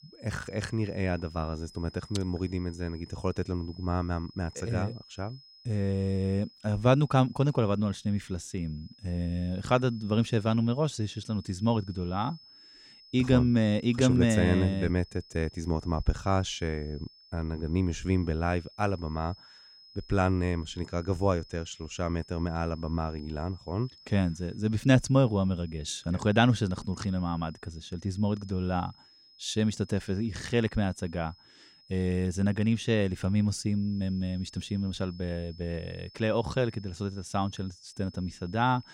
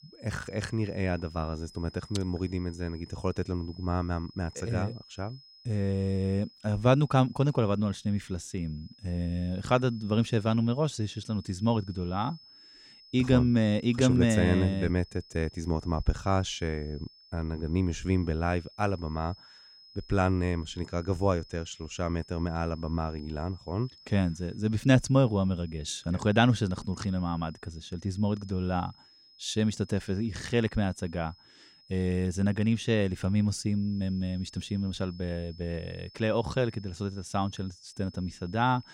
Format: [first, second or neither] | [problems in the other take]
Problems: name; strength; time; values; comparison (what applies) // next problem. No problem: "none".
neither | high-pitched whine; faint; throughout; 5 kHz, 25 dB below the speech; the same in both